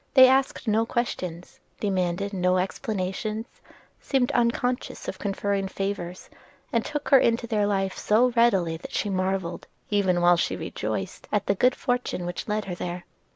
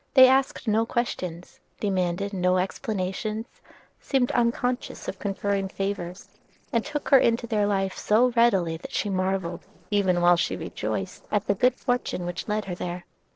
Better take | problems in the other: first | noise reduction (neural separator model SepFormer DNS4)

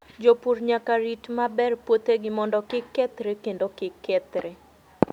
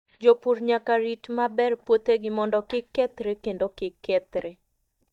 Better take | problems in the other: first | noise reduction (neural mask model DeepFilterNet 3)

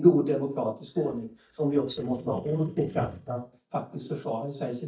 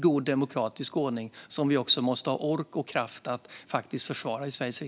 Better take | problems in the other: second | noise reduction (neural mask model DeepFilterNet 3)

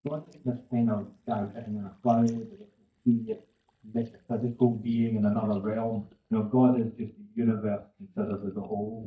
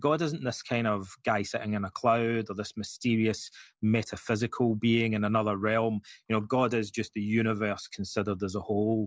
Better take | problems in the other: second | noise reduction (neural mask model DeepFilterNet 3)

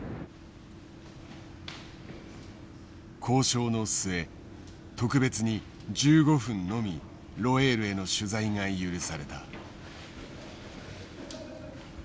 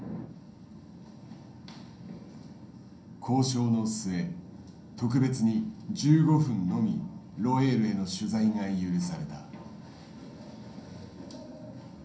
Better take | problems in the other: first | room echo; dies away in 0.6 s

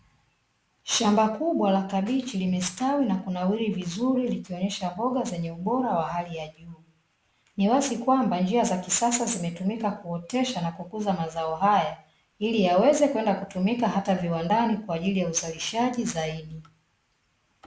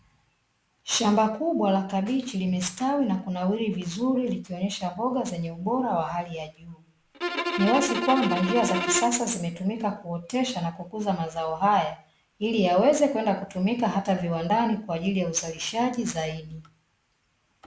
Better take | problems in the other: first | background sound (Bowed string instrument); 3 dB below the speech

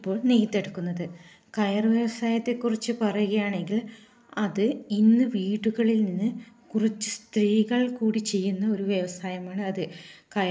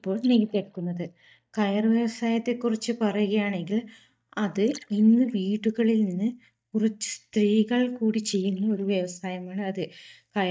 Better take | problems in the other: first | noise reduction (neural mask model DeepFilterNet 3)

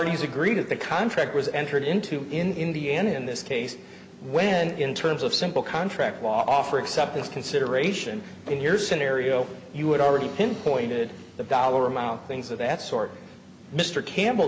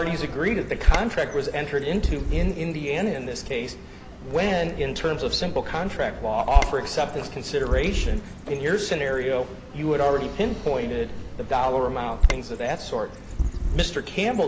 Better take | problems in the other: first | background sound (Bird vocalization, bird call, bird song); 2 dB below the speech

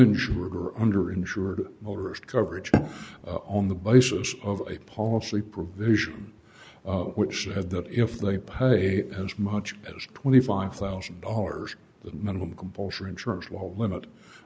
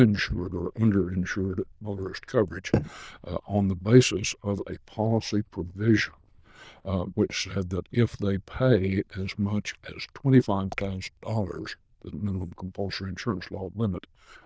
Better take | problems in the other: first | noise reduction (neural diffusion model UNIVERSE++)

